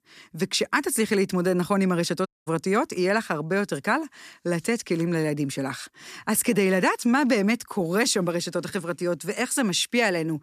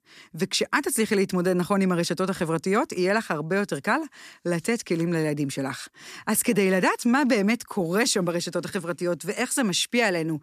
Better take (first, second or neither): second